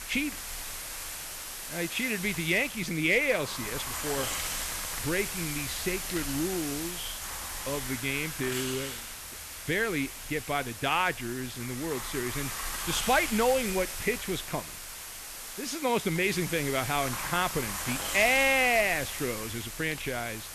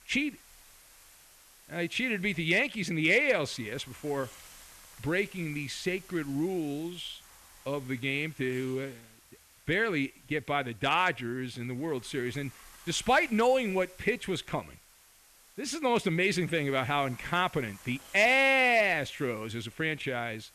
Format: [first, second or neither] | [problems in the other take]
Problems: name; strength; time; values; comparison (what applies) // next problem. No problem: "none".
second | hiss; loud; throughout; 5 dB below the speech; faint in the second